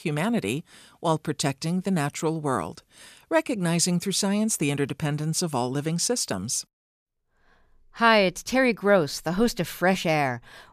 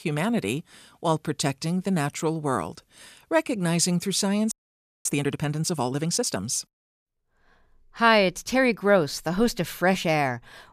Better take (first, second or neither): first